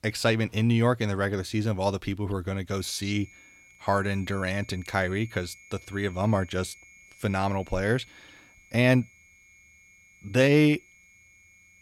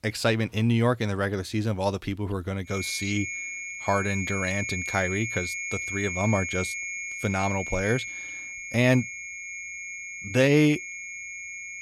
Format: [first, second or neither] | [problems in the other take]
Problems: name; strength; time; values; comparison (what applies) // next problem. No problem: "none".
first | high-pitched whine; loud; from 2.5 s on; 2 kHz, 6 dB below the speech; faint in the first